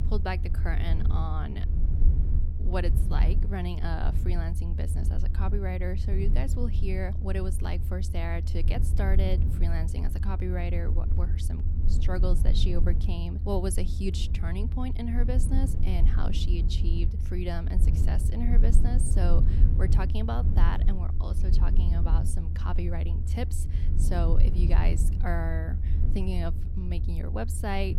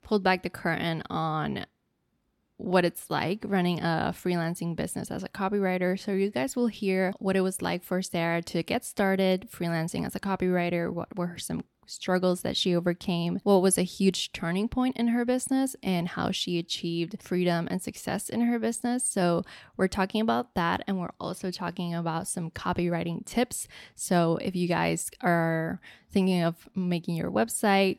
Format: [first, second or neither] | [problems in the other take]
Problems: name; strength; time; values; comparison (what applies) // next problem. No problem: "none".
second | low rumble; loud; throughout; 7 dB below the speech